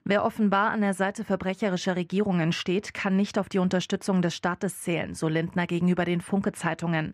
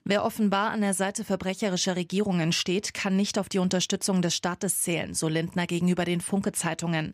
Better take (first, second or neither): second